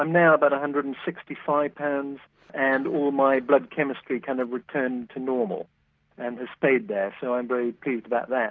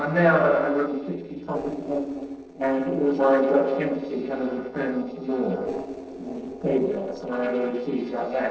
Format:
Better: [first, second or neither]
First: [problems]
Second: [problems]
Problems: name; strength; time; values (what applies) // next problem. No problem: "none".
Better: first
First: none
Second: noise reduction (neural separator model SepFormer DNS4)